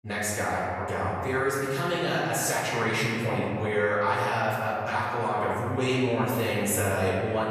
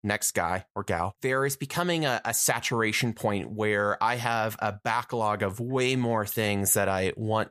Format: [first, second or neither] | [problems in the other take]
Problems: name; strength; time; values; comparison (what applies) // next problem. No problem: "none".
second | room echo; strong; dies away in 1.8 s // off-mic speech; far